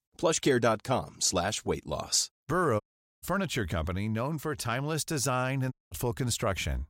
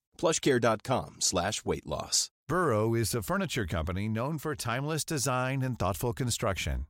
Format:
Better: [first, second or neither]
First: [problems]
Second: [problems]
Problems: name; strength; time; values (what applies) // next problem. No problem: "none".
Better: second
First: audio cutting out; at 3 s and at 5.5 s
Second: none